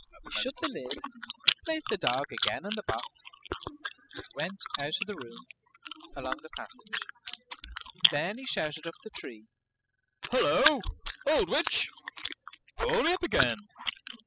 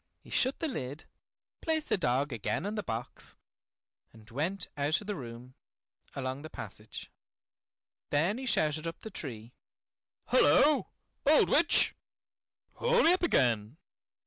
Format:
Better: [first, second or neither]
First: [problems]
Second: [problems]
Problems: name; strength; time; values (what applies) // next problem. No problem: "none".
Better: second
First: noise reduction (classical method spectral subtraction)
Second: none